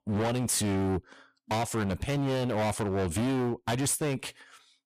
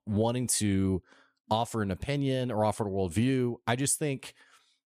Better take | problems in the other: second | distortion; heavy; 28% of the sound clipped

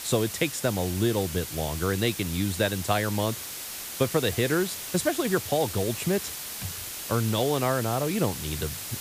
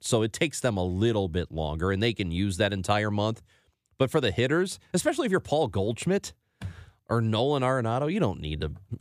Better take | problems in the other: second | hiss; loud; throughout; 7 dB below the speech

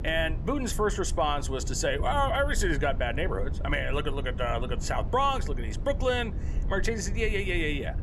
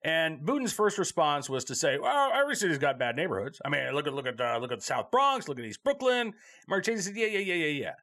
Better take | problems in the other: second | low rumble; noticeable; throughout; 20 dB below the speech

